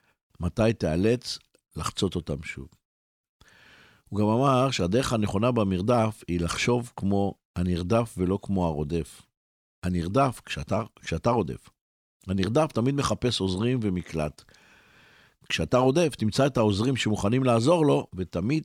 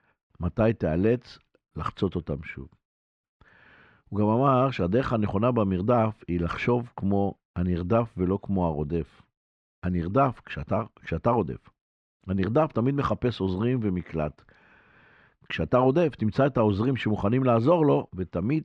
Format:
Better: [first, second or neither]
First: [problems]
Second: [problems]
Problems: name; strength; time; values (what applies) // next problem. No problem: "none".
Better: first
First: none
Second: muffled; very; fading above 2 kHz